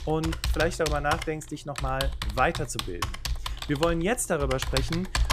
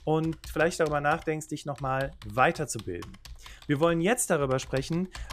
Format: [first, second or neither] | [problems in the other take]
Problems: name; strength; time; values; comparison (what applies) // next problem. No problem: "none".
second | household noises; loud; throughout; 4 dB below the speech; faint in the second